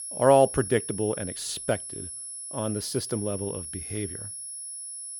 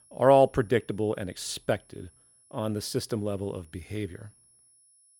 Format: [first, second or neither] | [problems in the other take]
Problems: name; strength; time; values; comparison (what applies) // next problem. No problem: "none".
second | high-pitched whine; loud; throughout; 10.5 kHz, 8 dB below the speech; faint in the second